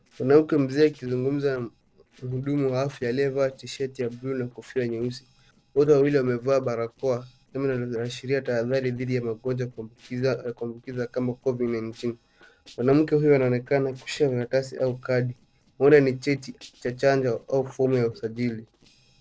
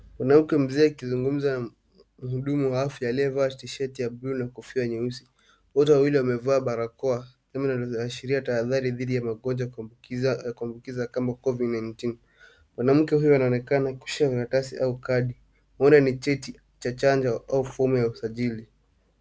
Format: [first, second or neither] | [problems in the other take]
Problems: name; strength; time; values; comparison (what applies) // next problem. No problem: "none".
second | noise reduction (neural separator model SepFormer DNS4)